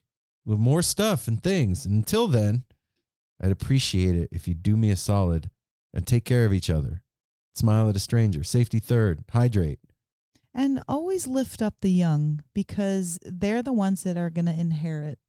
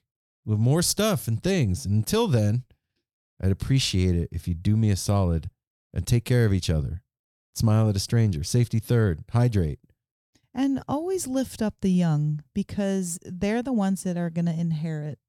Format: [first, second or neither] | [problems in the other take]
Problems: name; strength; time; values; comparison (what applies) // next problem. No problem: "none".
second | garbled, watery; slightly; nothing above 15.5 kHz